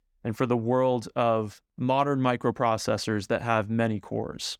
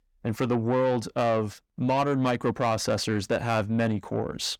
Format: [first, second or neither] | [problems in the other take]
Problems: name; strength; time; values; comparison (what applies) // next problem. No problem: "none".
first | distortion; slight; 10 dB below the speech